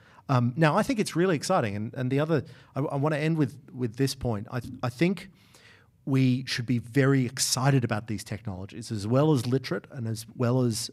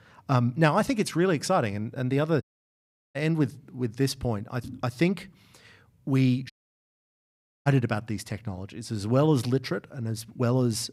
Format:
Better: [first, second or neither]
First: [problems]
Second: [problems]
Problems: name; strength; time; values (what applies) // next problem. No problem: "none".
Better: first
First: none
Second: audio cutting out; at 2.5 s for 0.5 s and at 6.5 s for 1 s